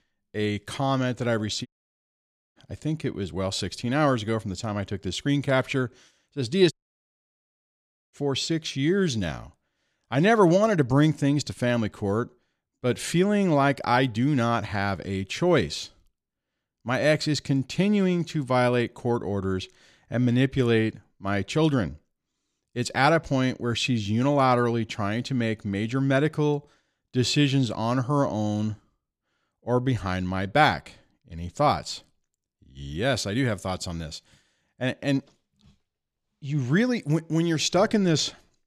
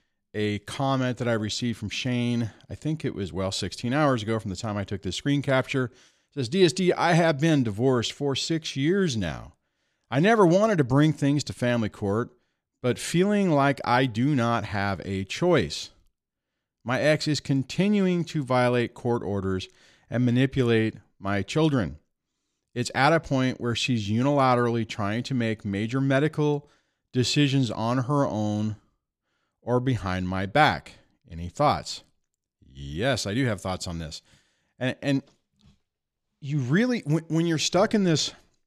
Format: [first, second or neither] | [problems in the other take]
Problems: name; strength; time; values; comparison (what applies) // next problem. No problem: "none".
second | audio cutting out; at 1.5 s for 1 s and at 6.5 s for 1.5 s